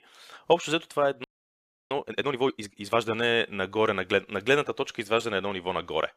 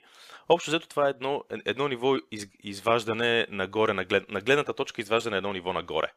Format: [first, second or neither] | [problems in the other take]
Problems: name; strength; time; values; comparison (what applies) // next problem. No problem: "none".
second | audio freezing; at 1 s for 0.5 s